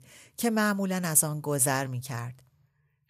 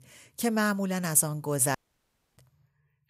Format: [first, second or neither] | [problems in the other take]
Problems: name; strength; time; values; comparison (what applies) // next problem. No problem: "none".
first | audio cutting out; at 2 s for 0.5 s